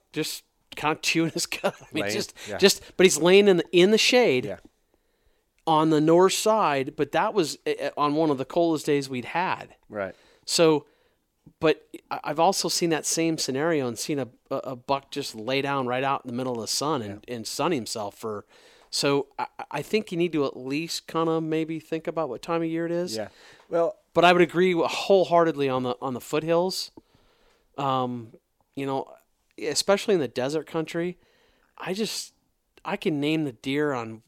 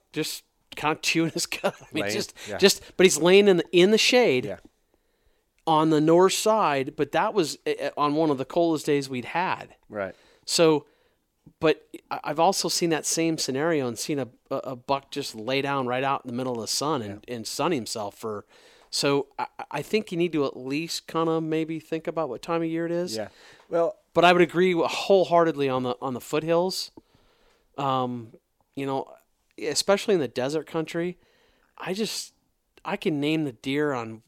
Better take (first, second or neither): neither